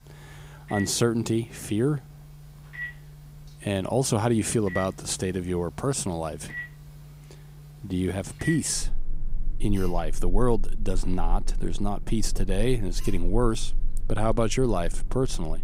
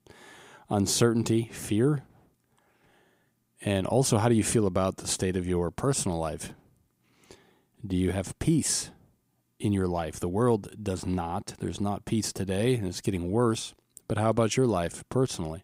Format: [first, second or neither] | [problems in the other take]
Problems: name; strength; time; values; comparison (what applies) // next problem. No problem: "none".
second | alarms or sirens; loud; throughout; 10 dB below the speech